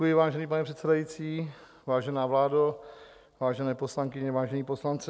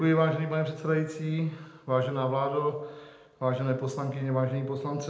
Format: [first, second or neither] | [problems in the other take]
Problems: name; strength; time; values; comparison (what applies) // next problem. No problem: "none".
first | room echo; dies away in 0.8 s